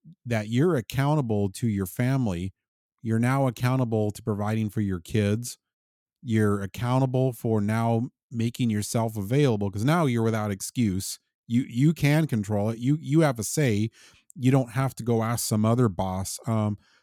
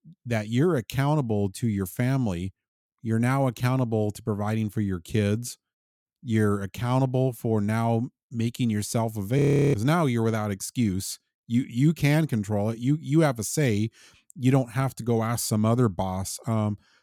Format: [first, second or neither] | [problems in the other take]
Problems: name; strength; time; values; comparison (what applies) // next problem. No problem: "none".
first | audio freezing; at 9.5 s